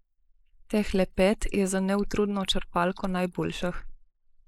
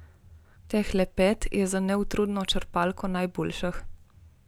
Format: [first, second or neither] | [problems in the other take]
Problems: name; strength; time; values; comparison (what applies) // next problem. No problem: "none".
second | noise reduction (neural mask model Resemble Enhance denoiser)